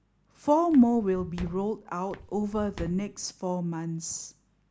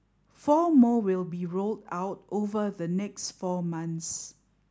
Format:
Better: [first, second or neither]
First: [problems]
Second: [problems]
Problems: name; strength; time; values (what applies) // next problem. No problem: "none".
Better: second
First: background sound (Walk, footsteps); 15 dB below the speech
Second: none